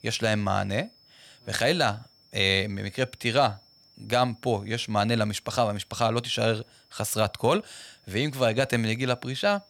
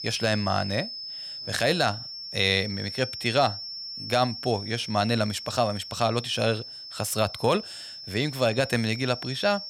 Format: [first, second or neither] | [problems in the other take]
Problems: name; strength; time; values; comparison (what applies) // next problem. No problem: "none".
first | high-pitched whine; loud; throughout; 5.5 kHz, 9 dB below the speech; faint in the first